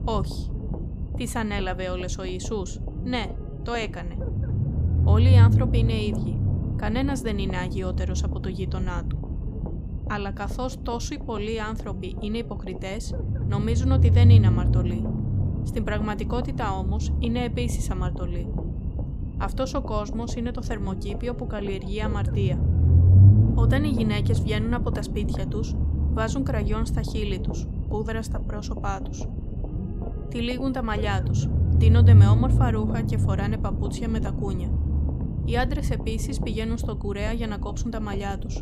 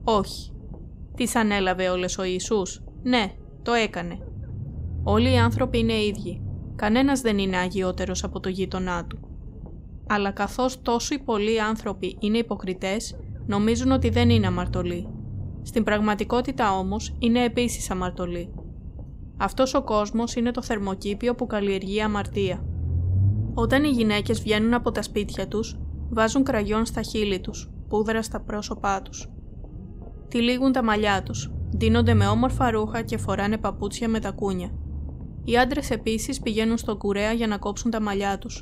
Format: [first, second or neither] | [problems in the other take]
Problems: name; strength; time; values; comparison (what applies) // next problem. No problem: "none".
second | low rumble; loud; throughout; 5 dB below the speech; faint in the second